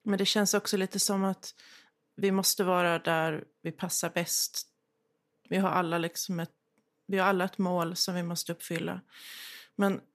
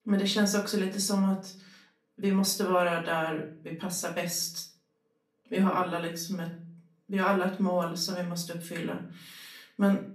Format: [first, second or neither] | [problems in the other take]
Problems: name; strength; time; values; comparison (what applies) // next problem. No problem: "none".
first | off-mic speech; far // room echo; slight; dies away in 0.4 s